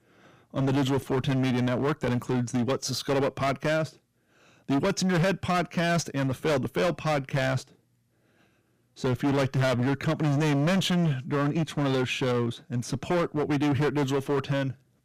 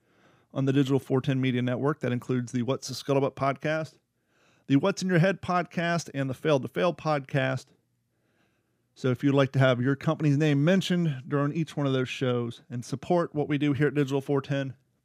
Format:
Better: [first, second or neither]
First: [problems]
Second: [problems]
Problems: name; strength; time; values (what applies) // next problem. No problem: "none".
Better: second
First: distortion; heavy; 20% of the sound clipped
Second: none